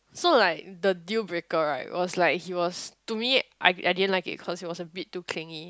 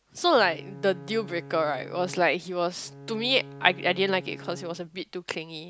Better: first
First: none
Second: background sound (Bowed string instrument); 17 dB below the speech

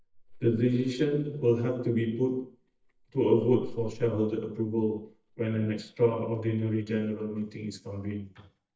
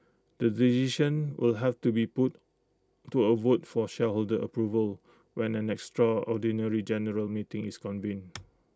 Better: second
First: noise reduction (neural mask model DeepFilterNet 3)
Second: none

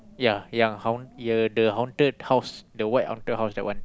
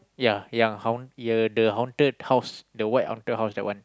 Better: second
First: background sound (Wind); 17 dB below the speech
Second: none

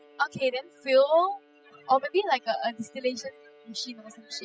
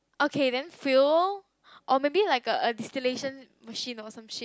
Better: second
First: noise reduction (classical method spectral subtraction)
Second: none

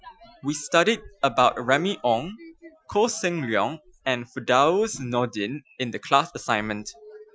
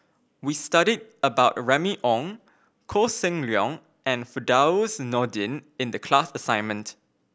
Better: second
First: noise reduction (classical method Wiener filter)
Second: none

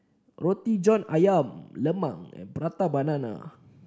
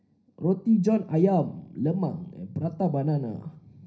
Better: first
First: none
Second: room echo; dies away in 0.5 s

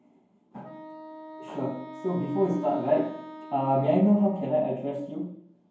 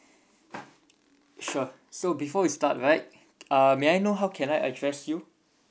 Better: second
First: background sound (Wind instrument, woodwind instrument); 16 dB below the speech // room echo; dies away in 0.9 s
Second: none

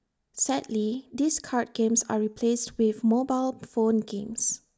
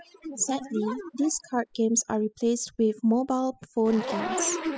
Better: first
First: none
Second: noise reduction (classical method spectral subtraction)

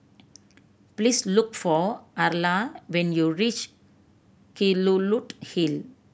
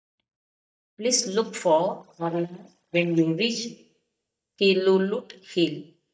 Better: first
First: none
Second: noise reduction (neural mask model DeepFilterNet 3)

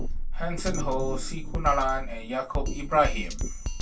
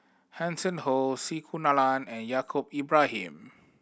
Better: second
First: background sound (Drum kit); 1 dB above the speech // room echo; dies away in 0.2 s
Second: none

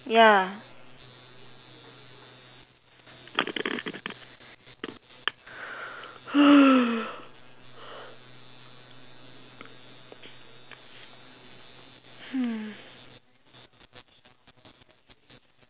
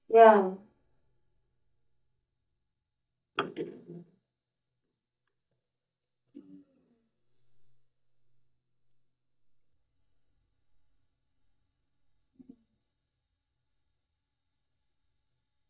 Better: first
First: none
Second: noise reduction (neural mask model DeepFilterNet 3)

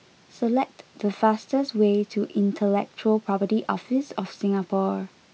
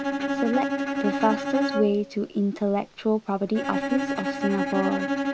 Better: first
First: none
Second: background sound (Bowed string instrument); 2 dB below the speech

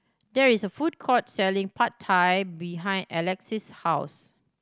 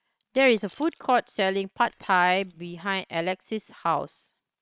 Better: first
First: none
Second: noise reduction (neural separator model SepFormer WHAM!)

